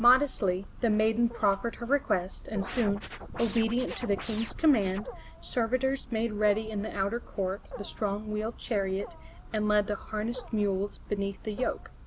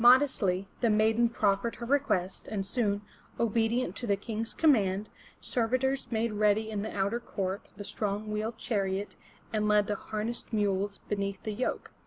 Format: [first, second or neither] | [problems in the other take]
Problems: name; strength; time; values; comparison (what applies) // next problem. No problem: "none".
second | background sound (Wild animals + Scratching (performance technique)); 14 dB below the speech